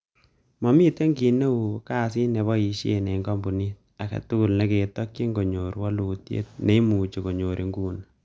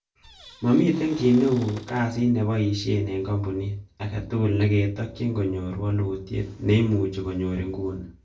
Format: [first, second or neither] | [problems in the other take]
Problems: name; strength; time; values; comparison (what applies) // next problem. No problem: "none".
first | background sound (Cupboard open or close / Door); 20 dB below the speech // room echo; dies away in 0.3 s